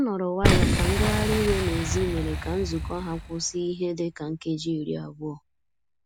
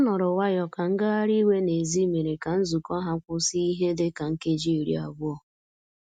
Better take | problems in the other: second | background sound (Boom); as loud as the speech

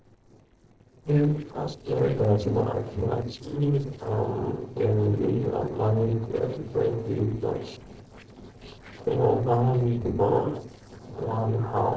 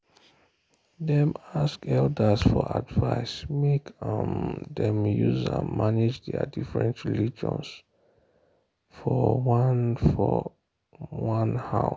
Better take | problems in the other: second | noise reduction (neural separator model SepFormer DNS4)

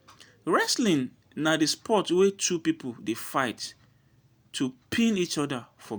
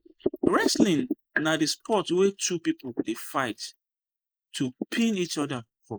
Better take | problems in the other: first | noise reduction (neural mask model Resemble Enhance denoiser)

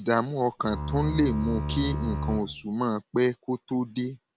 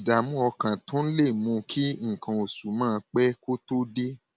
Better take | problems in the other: second | background sound (Bowed string instrument); 3 dB below the speech

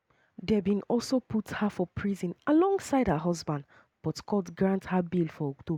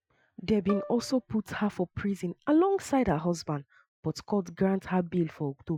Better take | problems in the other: first | noise reduction (classical method Wiener filter)

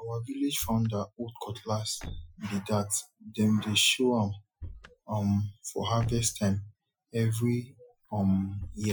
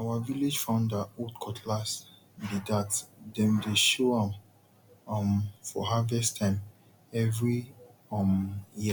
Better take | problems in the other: second | noise reduction (classical method Wiener filter)

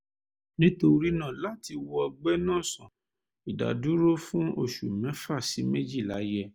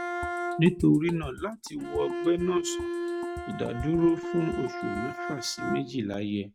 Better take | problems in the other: first | noise reduction (neural mask model RNNoise)

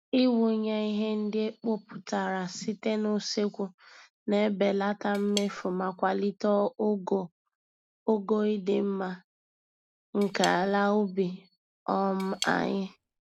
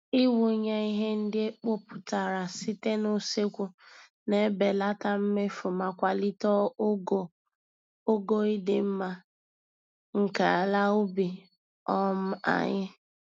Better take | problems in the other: second | background sound (Cutlery, silverware / Tap); 13 dB below the speech

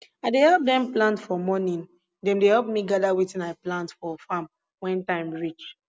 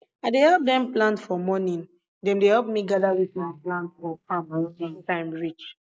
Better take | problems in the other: first | noise reduction (neural mask model Resemble Enhance denoiser)

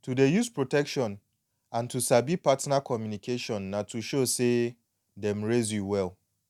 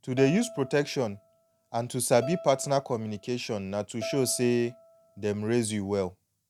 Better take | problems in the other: first | background sound (Bowed string instrument); 15 dB below the speech

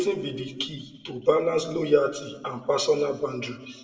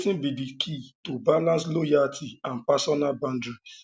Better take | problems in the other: second | room echo; dies away in 0.8 s

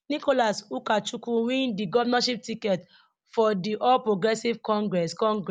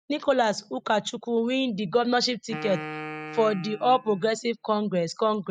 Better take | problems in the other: first | noise reduction (classical method spectral subtraction)

